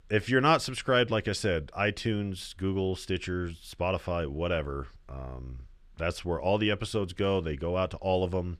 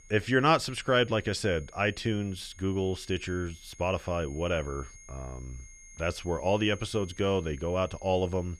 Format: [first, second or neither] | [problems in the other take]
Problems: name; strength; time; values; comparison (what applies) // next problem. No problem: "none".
first | high-pitched whine; faint; throughout; 6.5 kHz, 20 dB below the speech